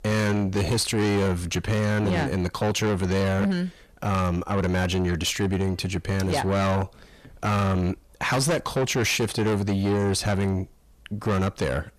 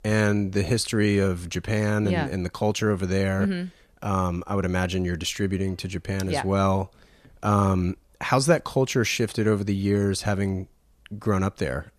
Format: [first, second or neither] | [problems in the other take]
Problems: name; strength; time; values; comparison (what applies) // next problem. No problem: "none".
second | distortion; heavy; 7 dB below the speech